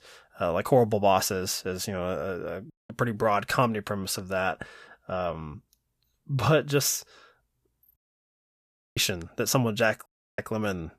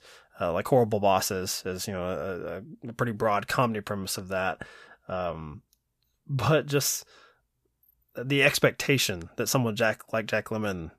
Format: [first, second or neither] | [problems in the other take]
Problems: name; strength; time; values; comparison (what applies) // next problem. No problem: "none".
second | audio cutting out; at 2.5 s, at 8 s for 1 s and at 10 s